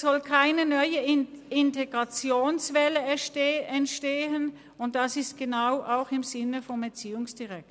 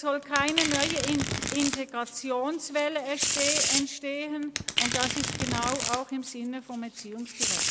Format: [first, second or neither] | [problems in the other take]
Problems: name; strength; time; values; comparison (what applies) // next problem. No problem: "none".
first | background sound (Domestic sounds, home sounds); as loud as the speech